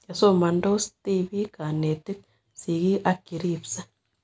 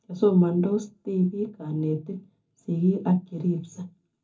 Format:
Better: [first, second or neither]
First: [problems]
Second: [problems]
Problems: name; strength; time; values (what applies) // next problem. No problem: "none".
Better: first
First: none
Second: room echo; dies away in 0.3 s